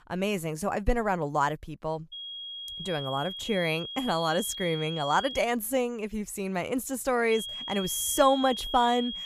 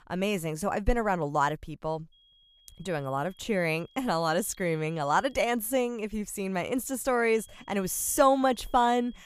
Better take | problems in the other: second | high-pitched whine; loud; from 2 to 5.5 s and from 7.5 s on; 3.5 kHz, 7 dB below the speech; faint in the second

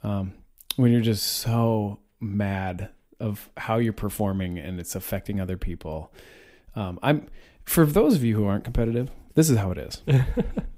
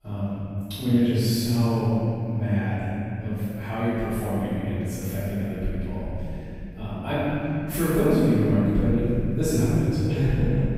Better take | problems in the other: first | off-mic speech; far // room echo; strong; dies away in 3 s

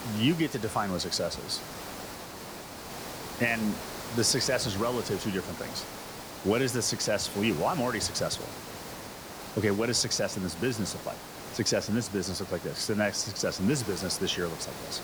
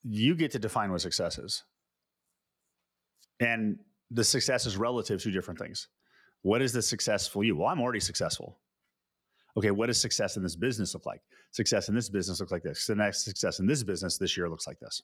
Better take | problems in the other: second | hiss; noticeable; throughout; 10 dB below the speech

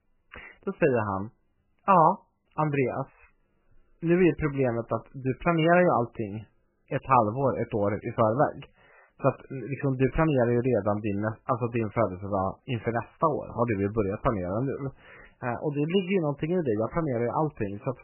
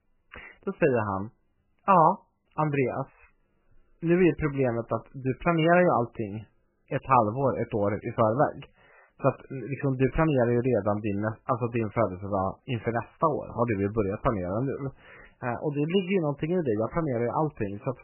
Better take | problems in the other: neither | garbled, watery; badly; nothing above 3 kHz; the same in both

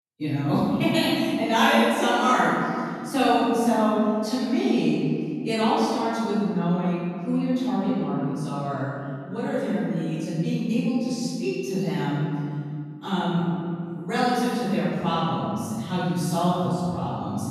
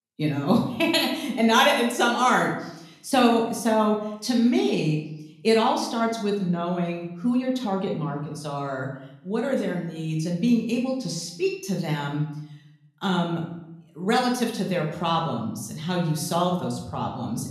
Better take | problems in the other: second | room echo; strong; dies away in 2.2 s; slight in the second // off-mic speech; far; somewhat distant in the second

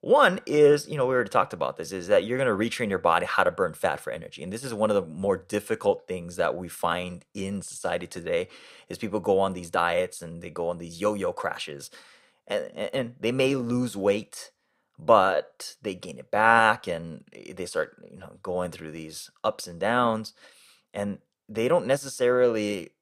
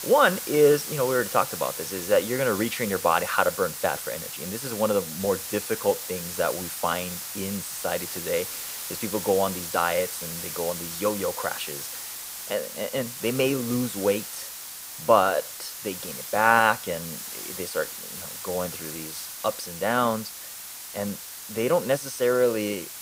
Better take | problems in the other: first | hiss; loud; throughout; 7 dB below the speech

